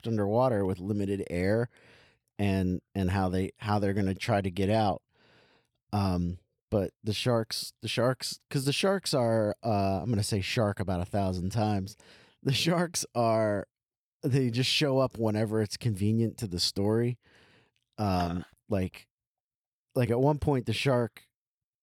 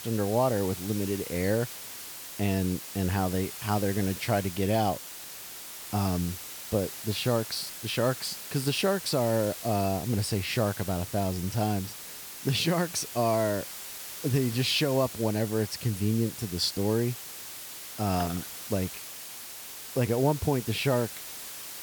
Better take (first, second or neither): first